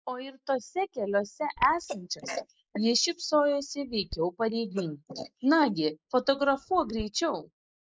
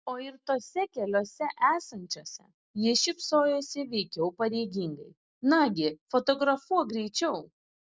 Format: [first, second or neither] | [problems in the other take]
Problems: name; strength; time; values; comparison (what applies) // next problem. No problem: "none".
second | noise reduction (neural mask model Resemble Enhance denoiser)